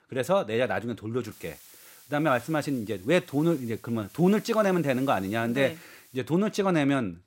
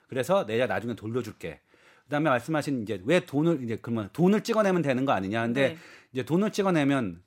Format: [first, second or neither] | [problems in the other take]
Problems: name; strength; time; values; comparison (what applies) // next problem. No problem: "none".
second | hiss; faint; from 1.5 to 6 s; 25 dB below the speech